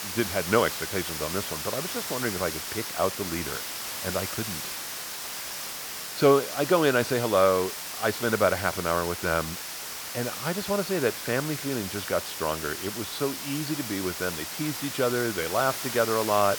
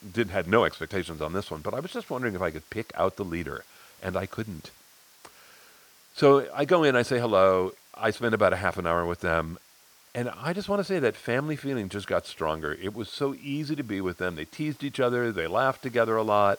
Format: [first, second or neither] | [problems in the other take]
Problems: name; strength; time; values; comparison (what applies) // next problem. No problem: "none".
second | hiss; loud; throughout; 5 dB below the speech; faint in the second